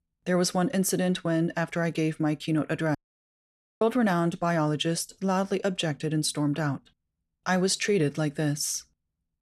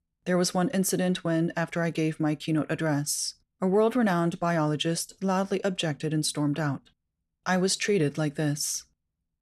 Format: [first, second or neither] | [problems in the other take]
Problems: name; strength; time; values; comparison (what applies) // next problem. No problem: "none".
second | audio cutting out; at 3 s for 1 s